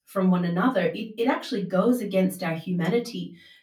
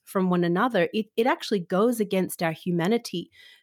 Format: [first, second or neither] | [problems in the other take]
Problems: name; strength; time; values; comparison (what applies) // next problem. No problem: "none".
second | off-mic speech; far // room echo; very slight; dies away in 0.2 s